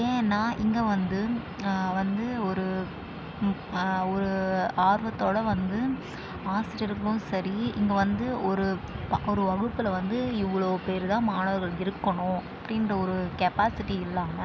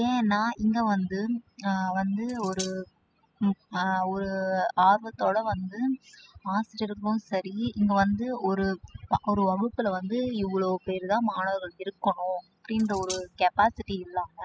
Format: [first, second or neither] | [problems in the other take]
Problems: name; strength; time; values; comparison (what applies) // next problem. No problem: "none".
first | noise reduction (classical method spectral subtraction)